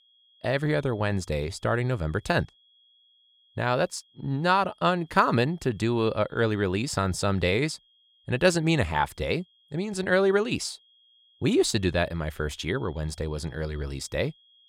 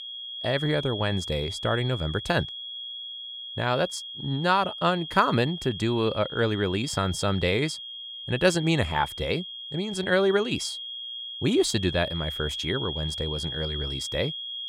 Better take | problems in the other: first | high-pitched whine; loud; throughout; 3.5 kHz, 7 dB below the speech; faint in the first

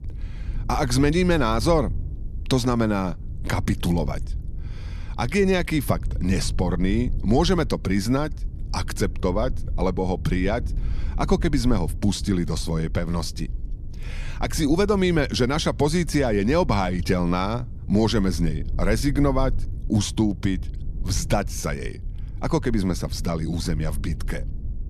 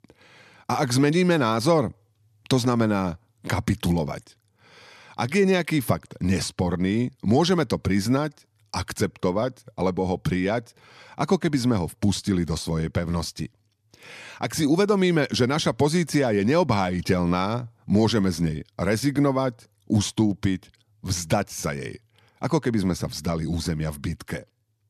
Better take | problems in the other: second | low rumble; faint; throughout; 20 dB below the speech

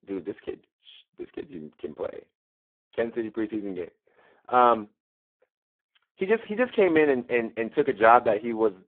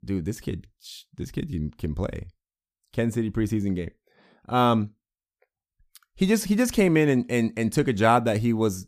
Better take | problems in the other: second | phone-call audio; poor line

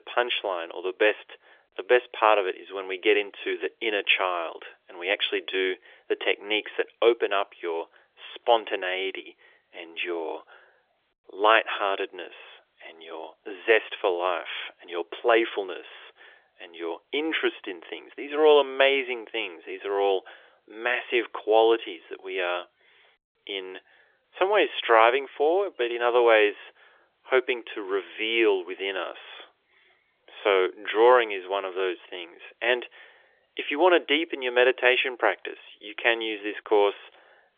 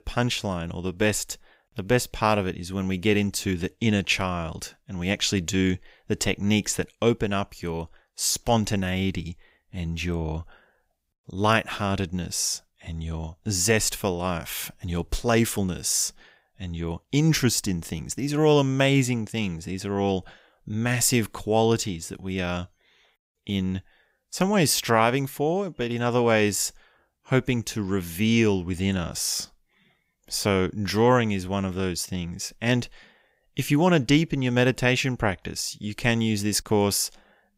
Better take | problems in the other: second | phone-call audio; nothing above 3.5 kHz

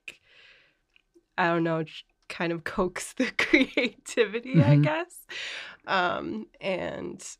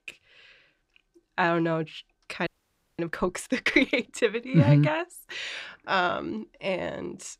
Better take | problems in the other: first | audio freezing; at 2.5 s for 0.5 s

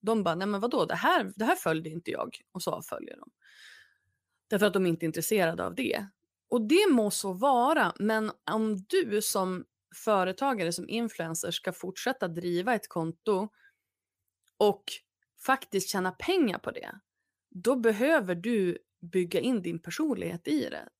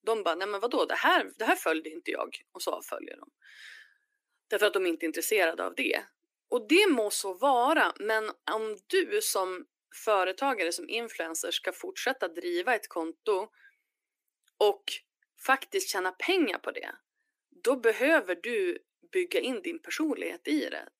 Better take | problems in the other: first | thin; somewhat; fading below 300 Hz

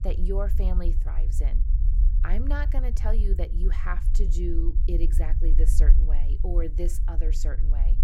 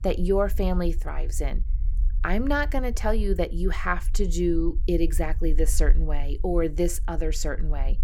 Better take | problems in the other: second | low rumble; loud; throughout; 10 dB below the speech; faint in the second

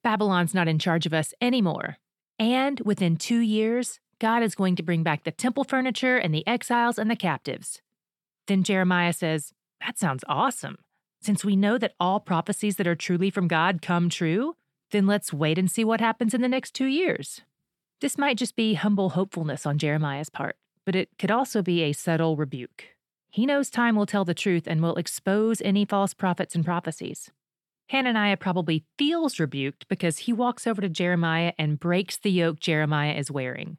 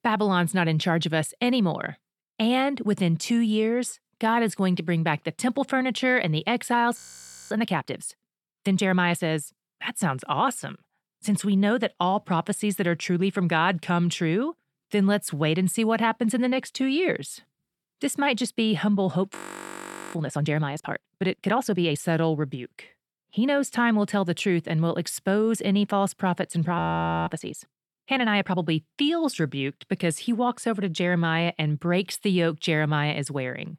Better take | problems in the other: first | audio freezing; at 7 s for 0.5 s, at 19 s for 1 s and at 27 s

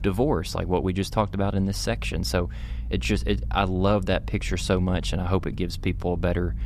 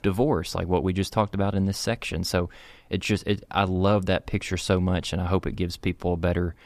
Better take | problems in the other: second | low rumble; faint; throughout; 25 dB below the speech

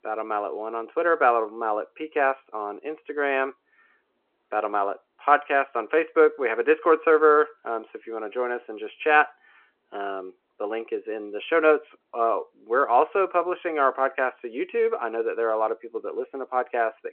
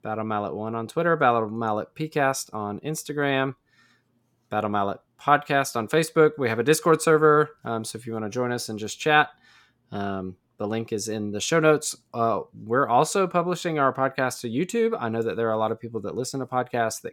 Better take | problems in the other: second | phone-call audio

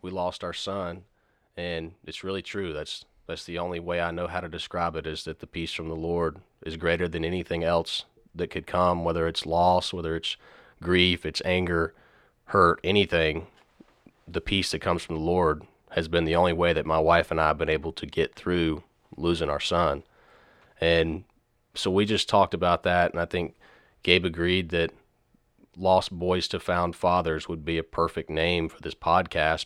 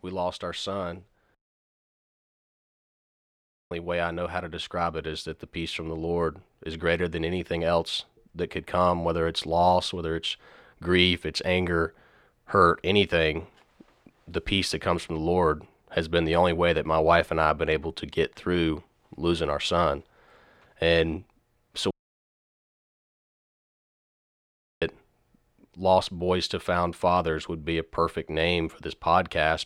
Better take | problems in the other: first | audio cutting out; at 1.5 s for 2.5 s and at 22 s for 3 s

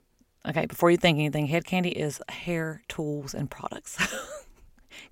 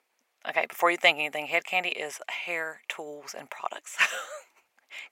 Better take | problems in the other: first | thin; very; fading below 700 Hz

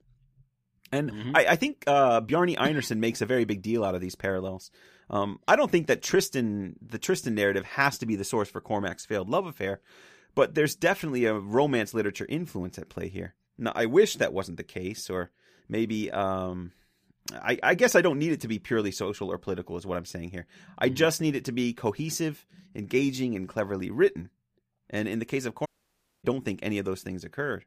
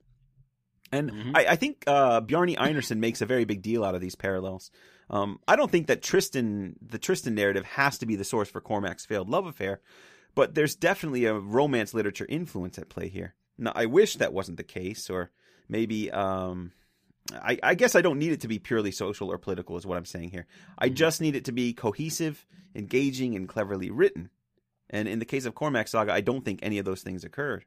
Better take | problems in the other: second | audio cutting out; at 26 s for 0.5 s

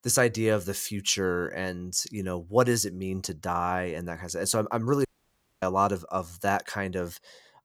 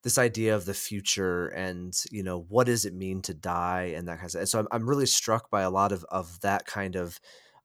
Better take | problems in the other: second | audio cutting out; at 5 s for 0.5 s

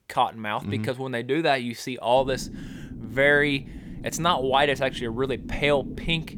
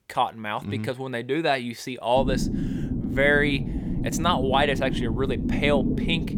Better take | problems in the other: first | low rumble; loud; from 2 s on; 10 dB below the speech; faint in the first

